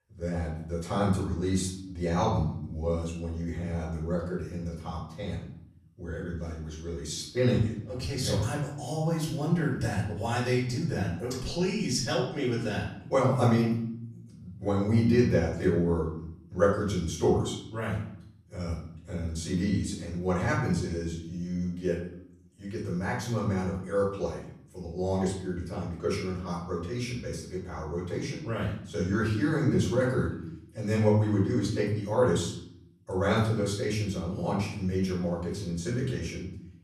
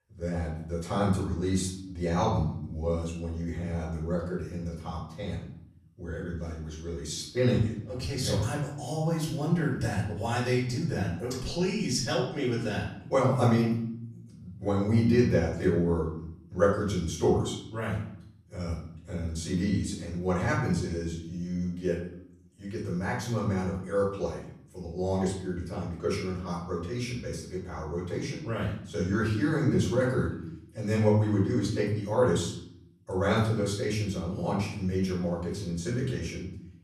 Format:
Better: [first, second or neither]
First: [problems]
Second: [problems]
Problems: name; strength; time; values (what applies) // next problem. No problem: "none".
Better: neither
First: room echo; noticeable; dies away in 0.7 s // off-mic speech; far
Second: room echo; noticeable; dies away in 0.7 s // off-mic speech; far